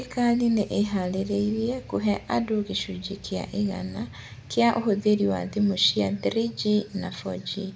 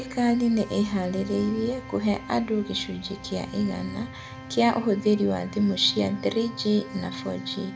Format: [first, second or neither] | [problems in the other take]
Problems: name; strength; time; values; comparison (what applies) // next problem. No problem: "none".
first | background sound (Organ); 15 dB below the speech